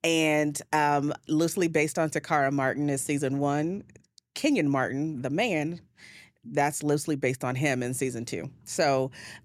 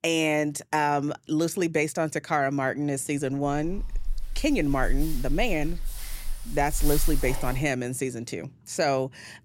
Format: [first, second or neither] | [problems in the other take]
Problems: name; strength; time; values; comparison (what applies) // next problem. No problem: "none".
first | dog barking; noticeable; from 3.5 to 7.5 s; peak 2 dB below the speech